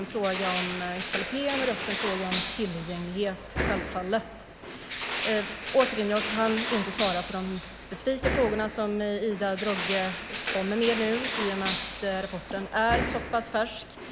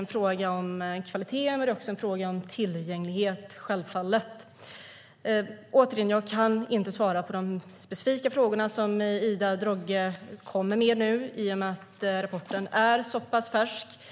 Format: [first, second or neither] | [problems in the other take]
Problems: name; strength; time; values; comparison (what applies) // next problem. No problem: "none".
second | background sound (Crushing); 4 dB below the speech